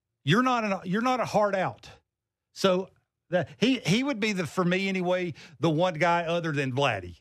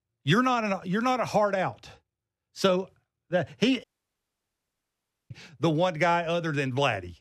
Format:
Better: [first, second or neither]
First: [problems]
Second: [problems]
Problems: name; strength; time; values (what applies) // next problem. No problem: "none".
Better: first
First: none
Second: audio cutting out; at 4 s for 1.5 s